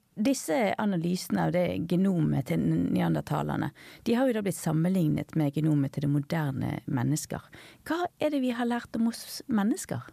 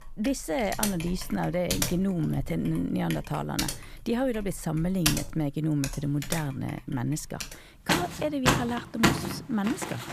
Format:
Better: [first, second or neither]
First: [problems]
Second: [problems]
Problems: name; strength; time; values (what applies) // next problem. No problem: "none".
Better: first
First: none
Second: household noises; loud; throughout; 1 dB below the speech